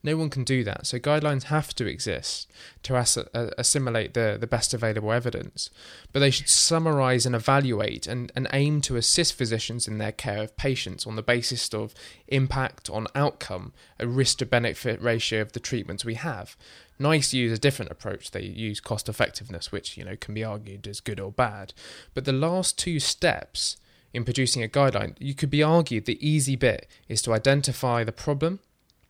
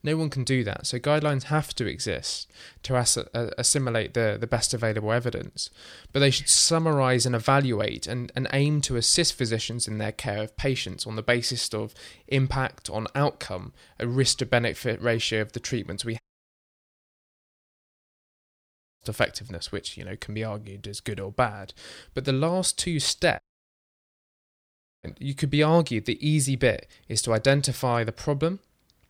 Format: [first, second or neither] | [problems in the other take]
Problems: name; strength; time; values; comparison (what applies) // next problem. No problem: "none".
first | audio cutting out; at 16 s for 3 s and at 23 s for 1.5 s